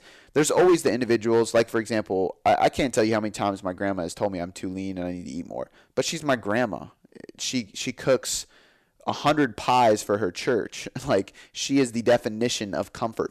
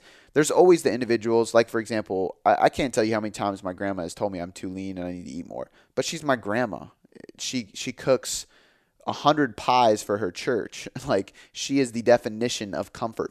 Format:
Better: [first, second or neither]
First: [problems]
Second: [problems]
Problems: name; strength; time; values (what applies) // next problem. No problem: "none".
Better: second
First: distortion; slight; 3% of the sound clipped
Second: none